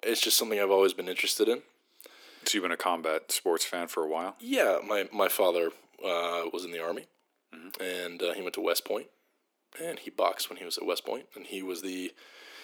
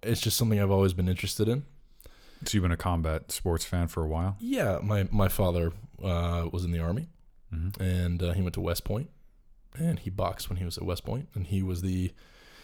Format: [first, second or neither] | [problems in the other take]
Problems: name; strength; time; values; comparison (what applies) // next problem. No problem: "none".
second | thin; very; fading below 300 Hz